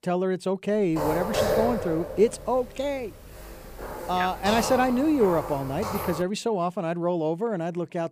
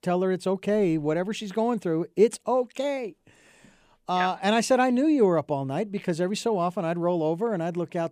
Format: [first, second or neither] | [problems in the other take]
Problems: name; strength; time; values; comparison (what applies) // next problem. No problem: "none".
second | footsteps; loud; from 1 to 6 s; peak 2 dB above the speech